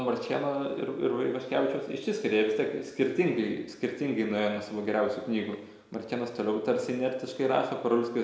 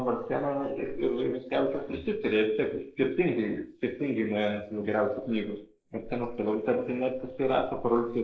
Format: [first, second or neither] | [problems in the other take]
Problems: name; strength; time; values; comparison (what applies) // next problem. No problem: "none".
first | noise reduction (neural mask model Resemble Enhance denoiser)